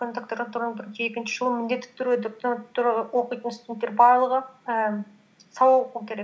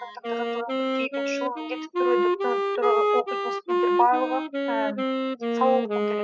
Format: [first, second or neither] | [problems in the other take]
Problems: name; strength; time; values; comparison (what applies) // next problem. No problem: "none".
first | noise reduction (classical method spectral subtraction)